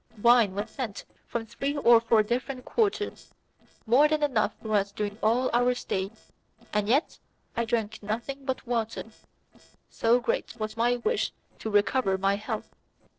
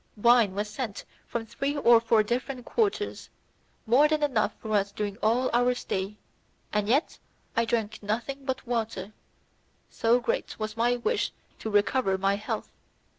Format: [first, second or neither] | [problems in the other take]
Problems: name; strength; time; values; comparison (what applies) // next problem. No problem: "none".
second | noise reduction (neural separator model SepFormer DNS4)